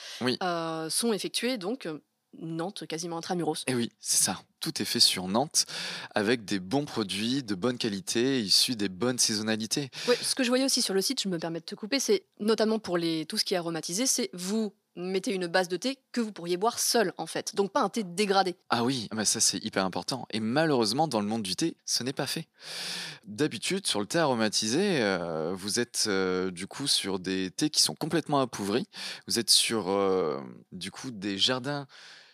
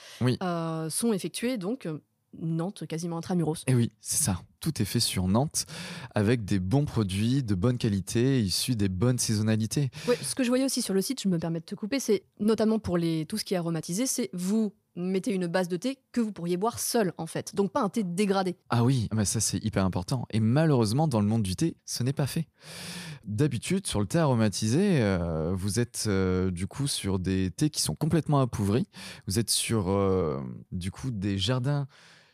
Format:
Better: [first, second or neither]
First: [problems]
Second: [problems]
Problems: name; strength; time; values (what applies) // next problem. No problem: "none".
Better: second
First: thin; somewhat; fading below 300 Hz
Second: none